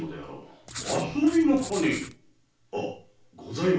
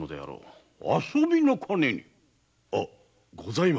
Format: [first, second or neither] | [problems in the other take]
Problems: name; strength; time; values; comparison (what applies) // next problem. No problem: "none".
second | background sound (Writing); 12 dB below the speech // room echo; dies away in 0.3 s